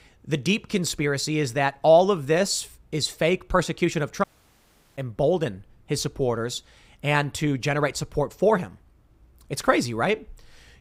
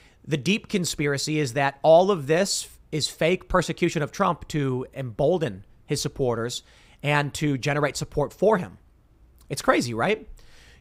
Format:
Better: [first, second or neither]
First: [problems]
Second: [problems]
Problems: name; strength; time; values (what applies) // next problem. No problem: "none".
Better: second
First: audio cutting out; at 4 s for 0.5 s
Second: none